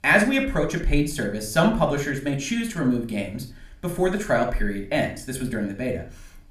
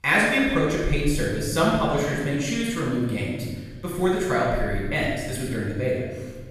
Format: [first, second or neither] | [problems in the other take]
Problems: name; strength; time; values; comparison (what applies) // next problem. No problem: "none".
first | room echo; strong; dies away in 1.5 s; slight in the first // off-mic speech; far